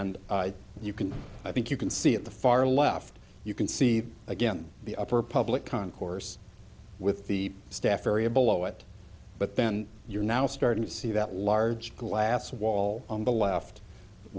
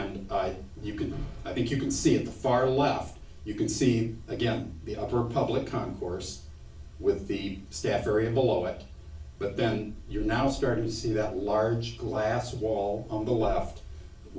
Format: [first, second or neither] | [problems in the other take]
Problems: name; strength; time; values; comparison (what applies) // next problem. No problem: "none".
first | room echo; dies away in 0.3 s